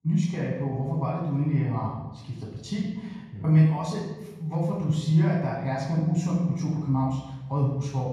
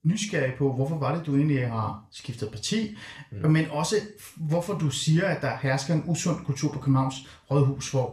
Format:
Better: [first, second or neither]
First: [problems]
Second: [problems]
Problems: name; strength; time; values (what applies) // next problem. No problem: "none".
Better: second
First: room echo; strong; dies away in 1.3 s // off-mic speech; far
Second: room echo; slight; dies away in 0.4 s // off-mic speech; somewhat distant